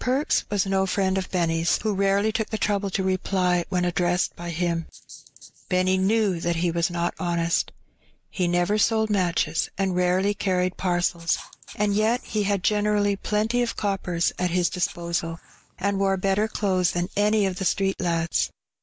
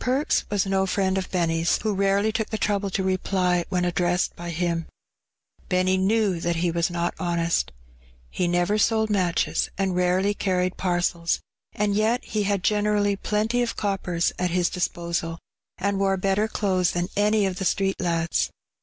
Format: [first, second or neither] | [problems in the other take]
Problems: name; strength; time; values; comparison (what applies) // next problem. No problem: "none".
second | noise reduction (neural mask model Resemble Enhance denoiser)